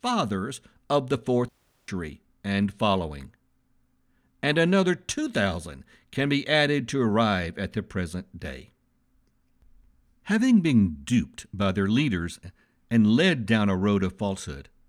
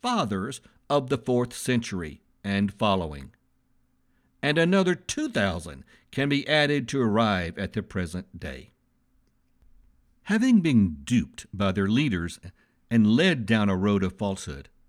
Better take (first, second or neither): second